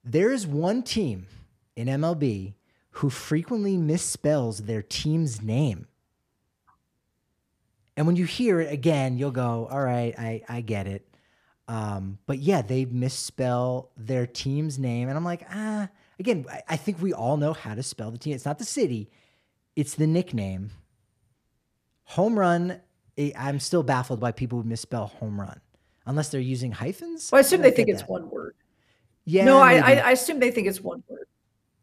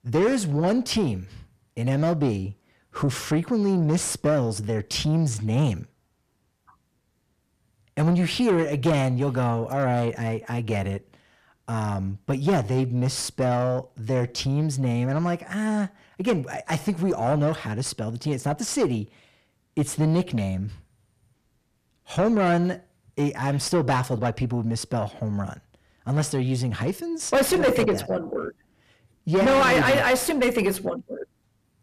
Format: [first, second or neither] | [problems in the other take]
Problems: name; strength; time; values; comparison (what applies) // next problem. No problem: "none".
first | distortion; heavy; 6 dB below the speech